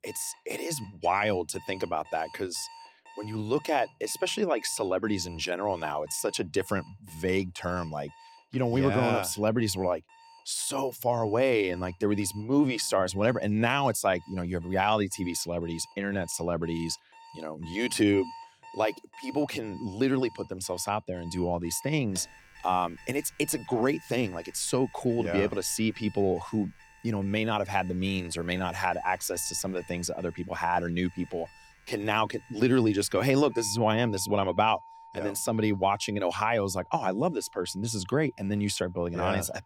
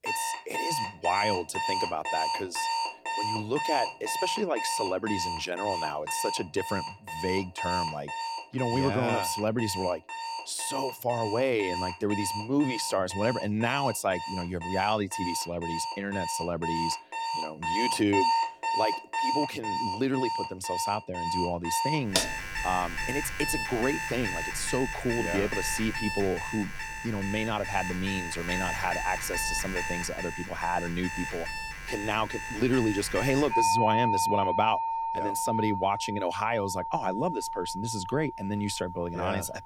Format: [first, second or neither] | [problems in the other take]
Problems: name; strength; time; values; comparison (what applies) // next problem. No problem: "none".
first | alarms or sirens; loud; throughout; 2 dB below the speech; faint in the first